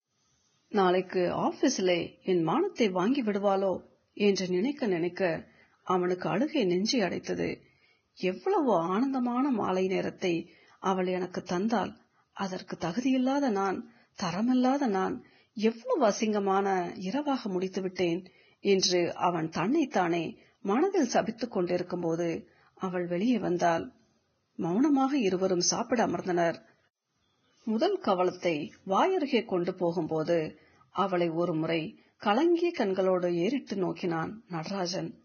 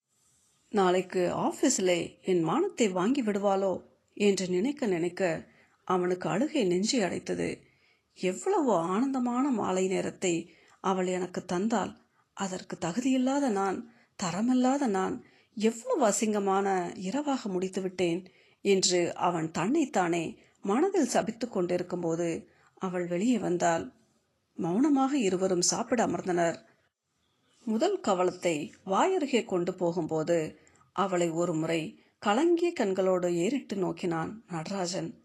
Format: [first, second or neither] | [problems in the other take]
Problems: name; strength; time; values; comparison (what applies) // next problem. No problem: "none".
second | garbled, watery; badly; nothing above 6.5 kHz; slightly in the second